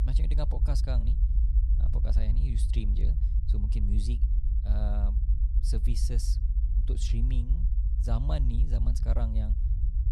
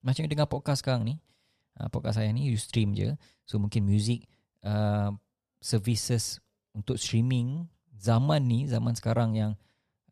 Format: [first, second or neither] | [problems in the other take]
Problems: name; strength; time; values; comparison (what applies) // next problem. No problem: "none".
second | low rumble; loud; throughout; 5 dB below the speech